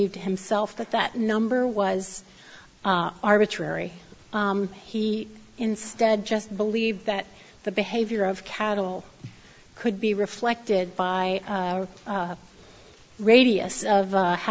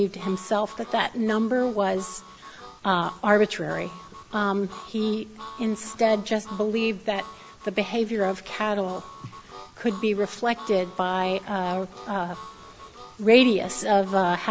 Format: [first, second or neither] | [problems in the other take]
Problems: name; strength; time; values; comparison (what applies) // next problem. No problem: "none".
first | background sound (Harmonica); 18 dB below the speech